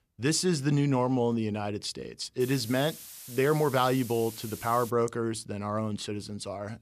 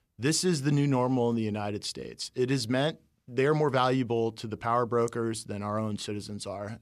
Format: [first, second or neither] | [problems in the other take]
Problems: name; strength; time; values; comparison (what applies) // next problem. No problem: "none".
second | hiss; noticeable; from 2.5 to 5 s; 15 dB below the speech